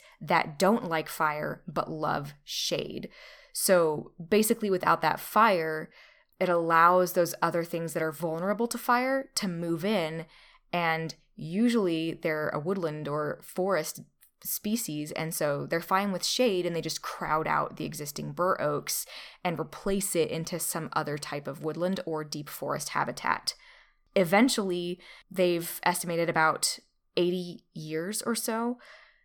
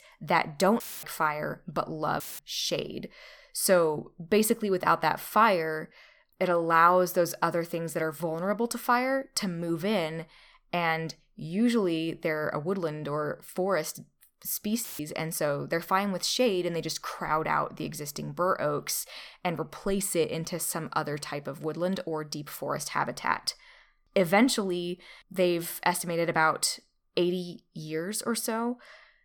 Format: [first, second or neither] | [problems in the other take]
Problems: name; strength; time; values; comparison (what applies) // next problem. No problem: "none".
first | audio cutting out; filled with static; at 1 s, at 2 s and at 15 s